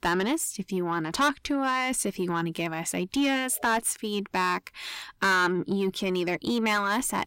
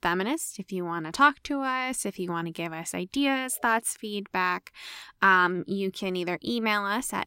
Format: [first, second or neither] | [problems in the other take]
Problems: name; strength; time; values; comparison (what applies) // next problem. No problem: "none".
second | distortion; heavy; 7 dB below the speech